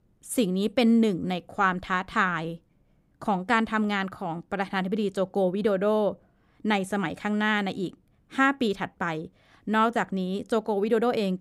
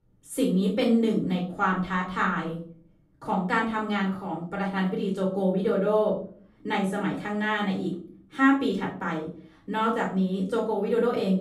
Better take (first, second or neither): first